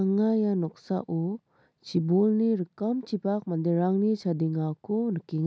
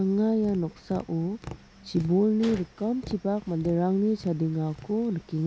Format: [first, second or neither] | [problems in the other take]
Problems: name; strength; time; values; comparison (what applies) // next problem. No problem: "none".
first | background sound (Tap); 18 dB below the speech